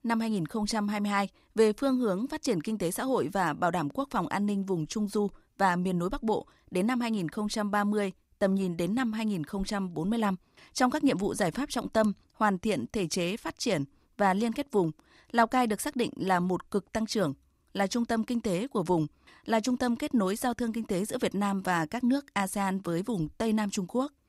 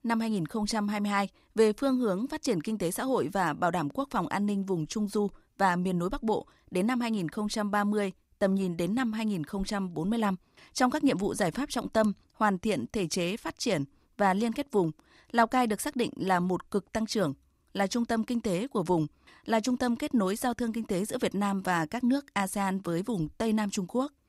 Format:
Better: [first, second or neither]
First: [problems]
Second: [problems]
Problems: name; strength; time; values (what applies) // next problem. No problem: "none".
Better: neither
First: none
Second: none